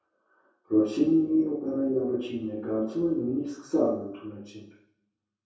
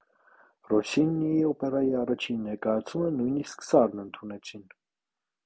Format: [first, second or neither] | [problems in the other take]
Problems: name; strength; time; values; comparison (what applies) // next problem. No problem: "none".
second | room echo; dies away in 0.6 s